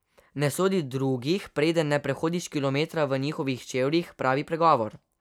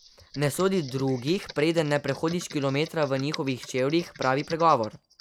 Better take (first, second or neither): first